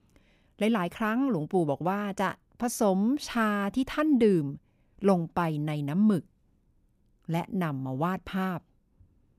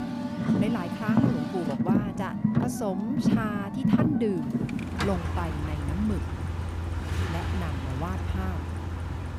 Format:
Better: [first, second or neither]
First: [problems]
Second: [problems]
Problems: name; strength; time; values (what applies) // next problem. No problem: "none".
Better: first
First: none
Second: traffic noise; very loud; throughout; 4 dB above the speech